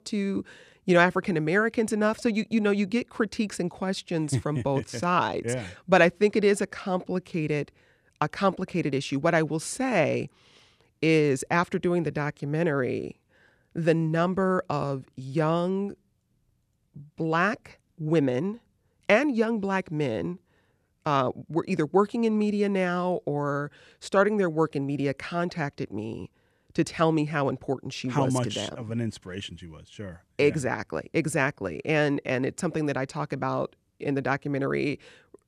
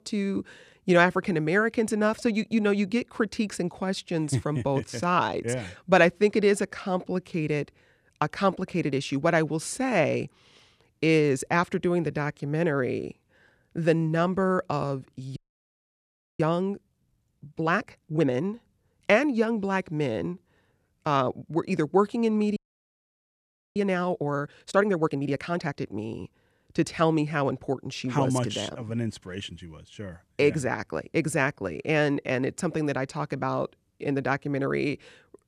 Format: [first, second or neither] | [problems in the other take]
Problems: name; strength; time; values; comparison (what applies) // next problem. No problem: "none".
first | audio freezing; at 15 s for 1 s and at 23 s for 1 s